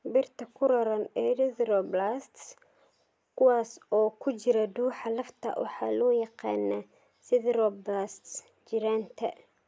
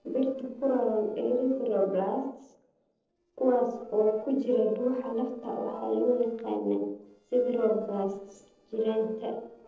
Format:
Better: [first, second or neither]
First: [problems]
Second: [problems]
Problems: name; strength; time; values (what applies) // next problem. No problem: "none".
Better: first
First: none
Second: noise reduction (neural separator model SepFormer DNS4)